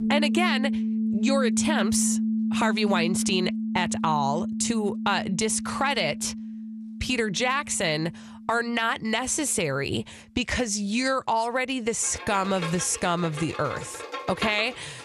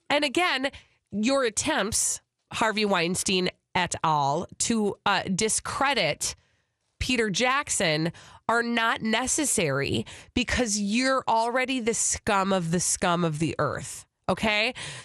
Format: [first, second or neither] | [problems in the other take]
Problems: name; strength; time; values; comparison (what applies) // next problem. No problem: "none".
second | background music; loud; throughout; 4 dB below the speech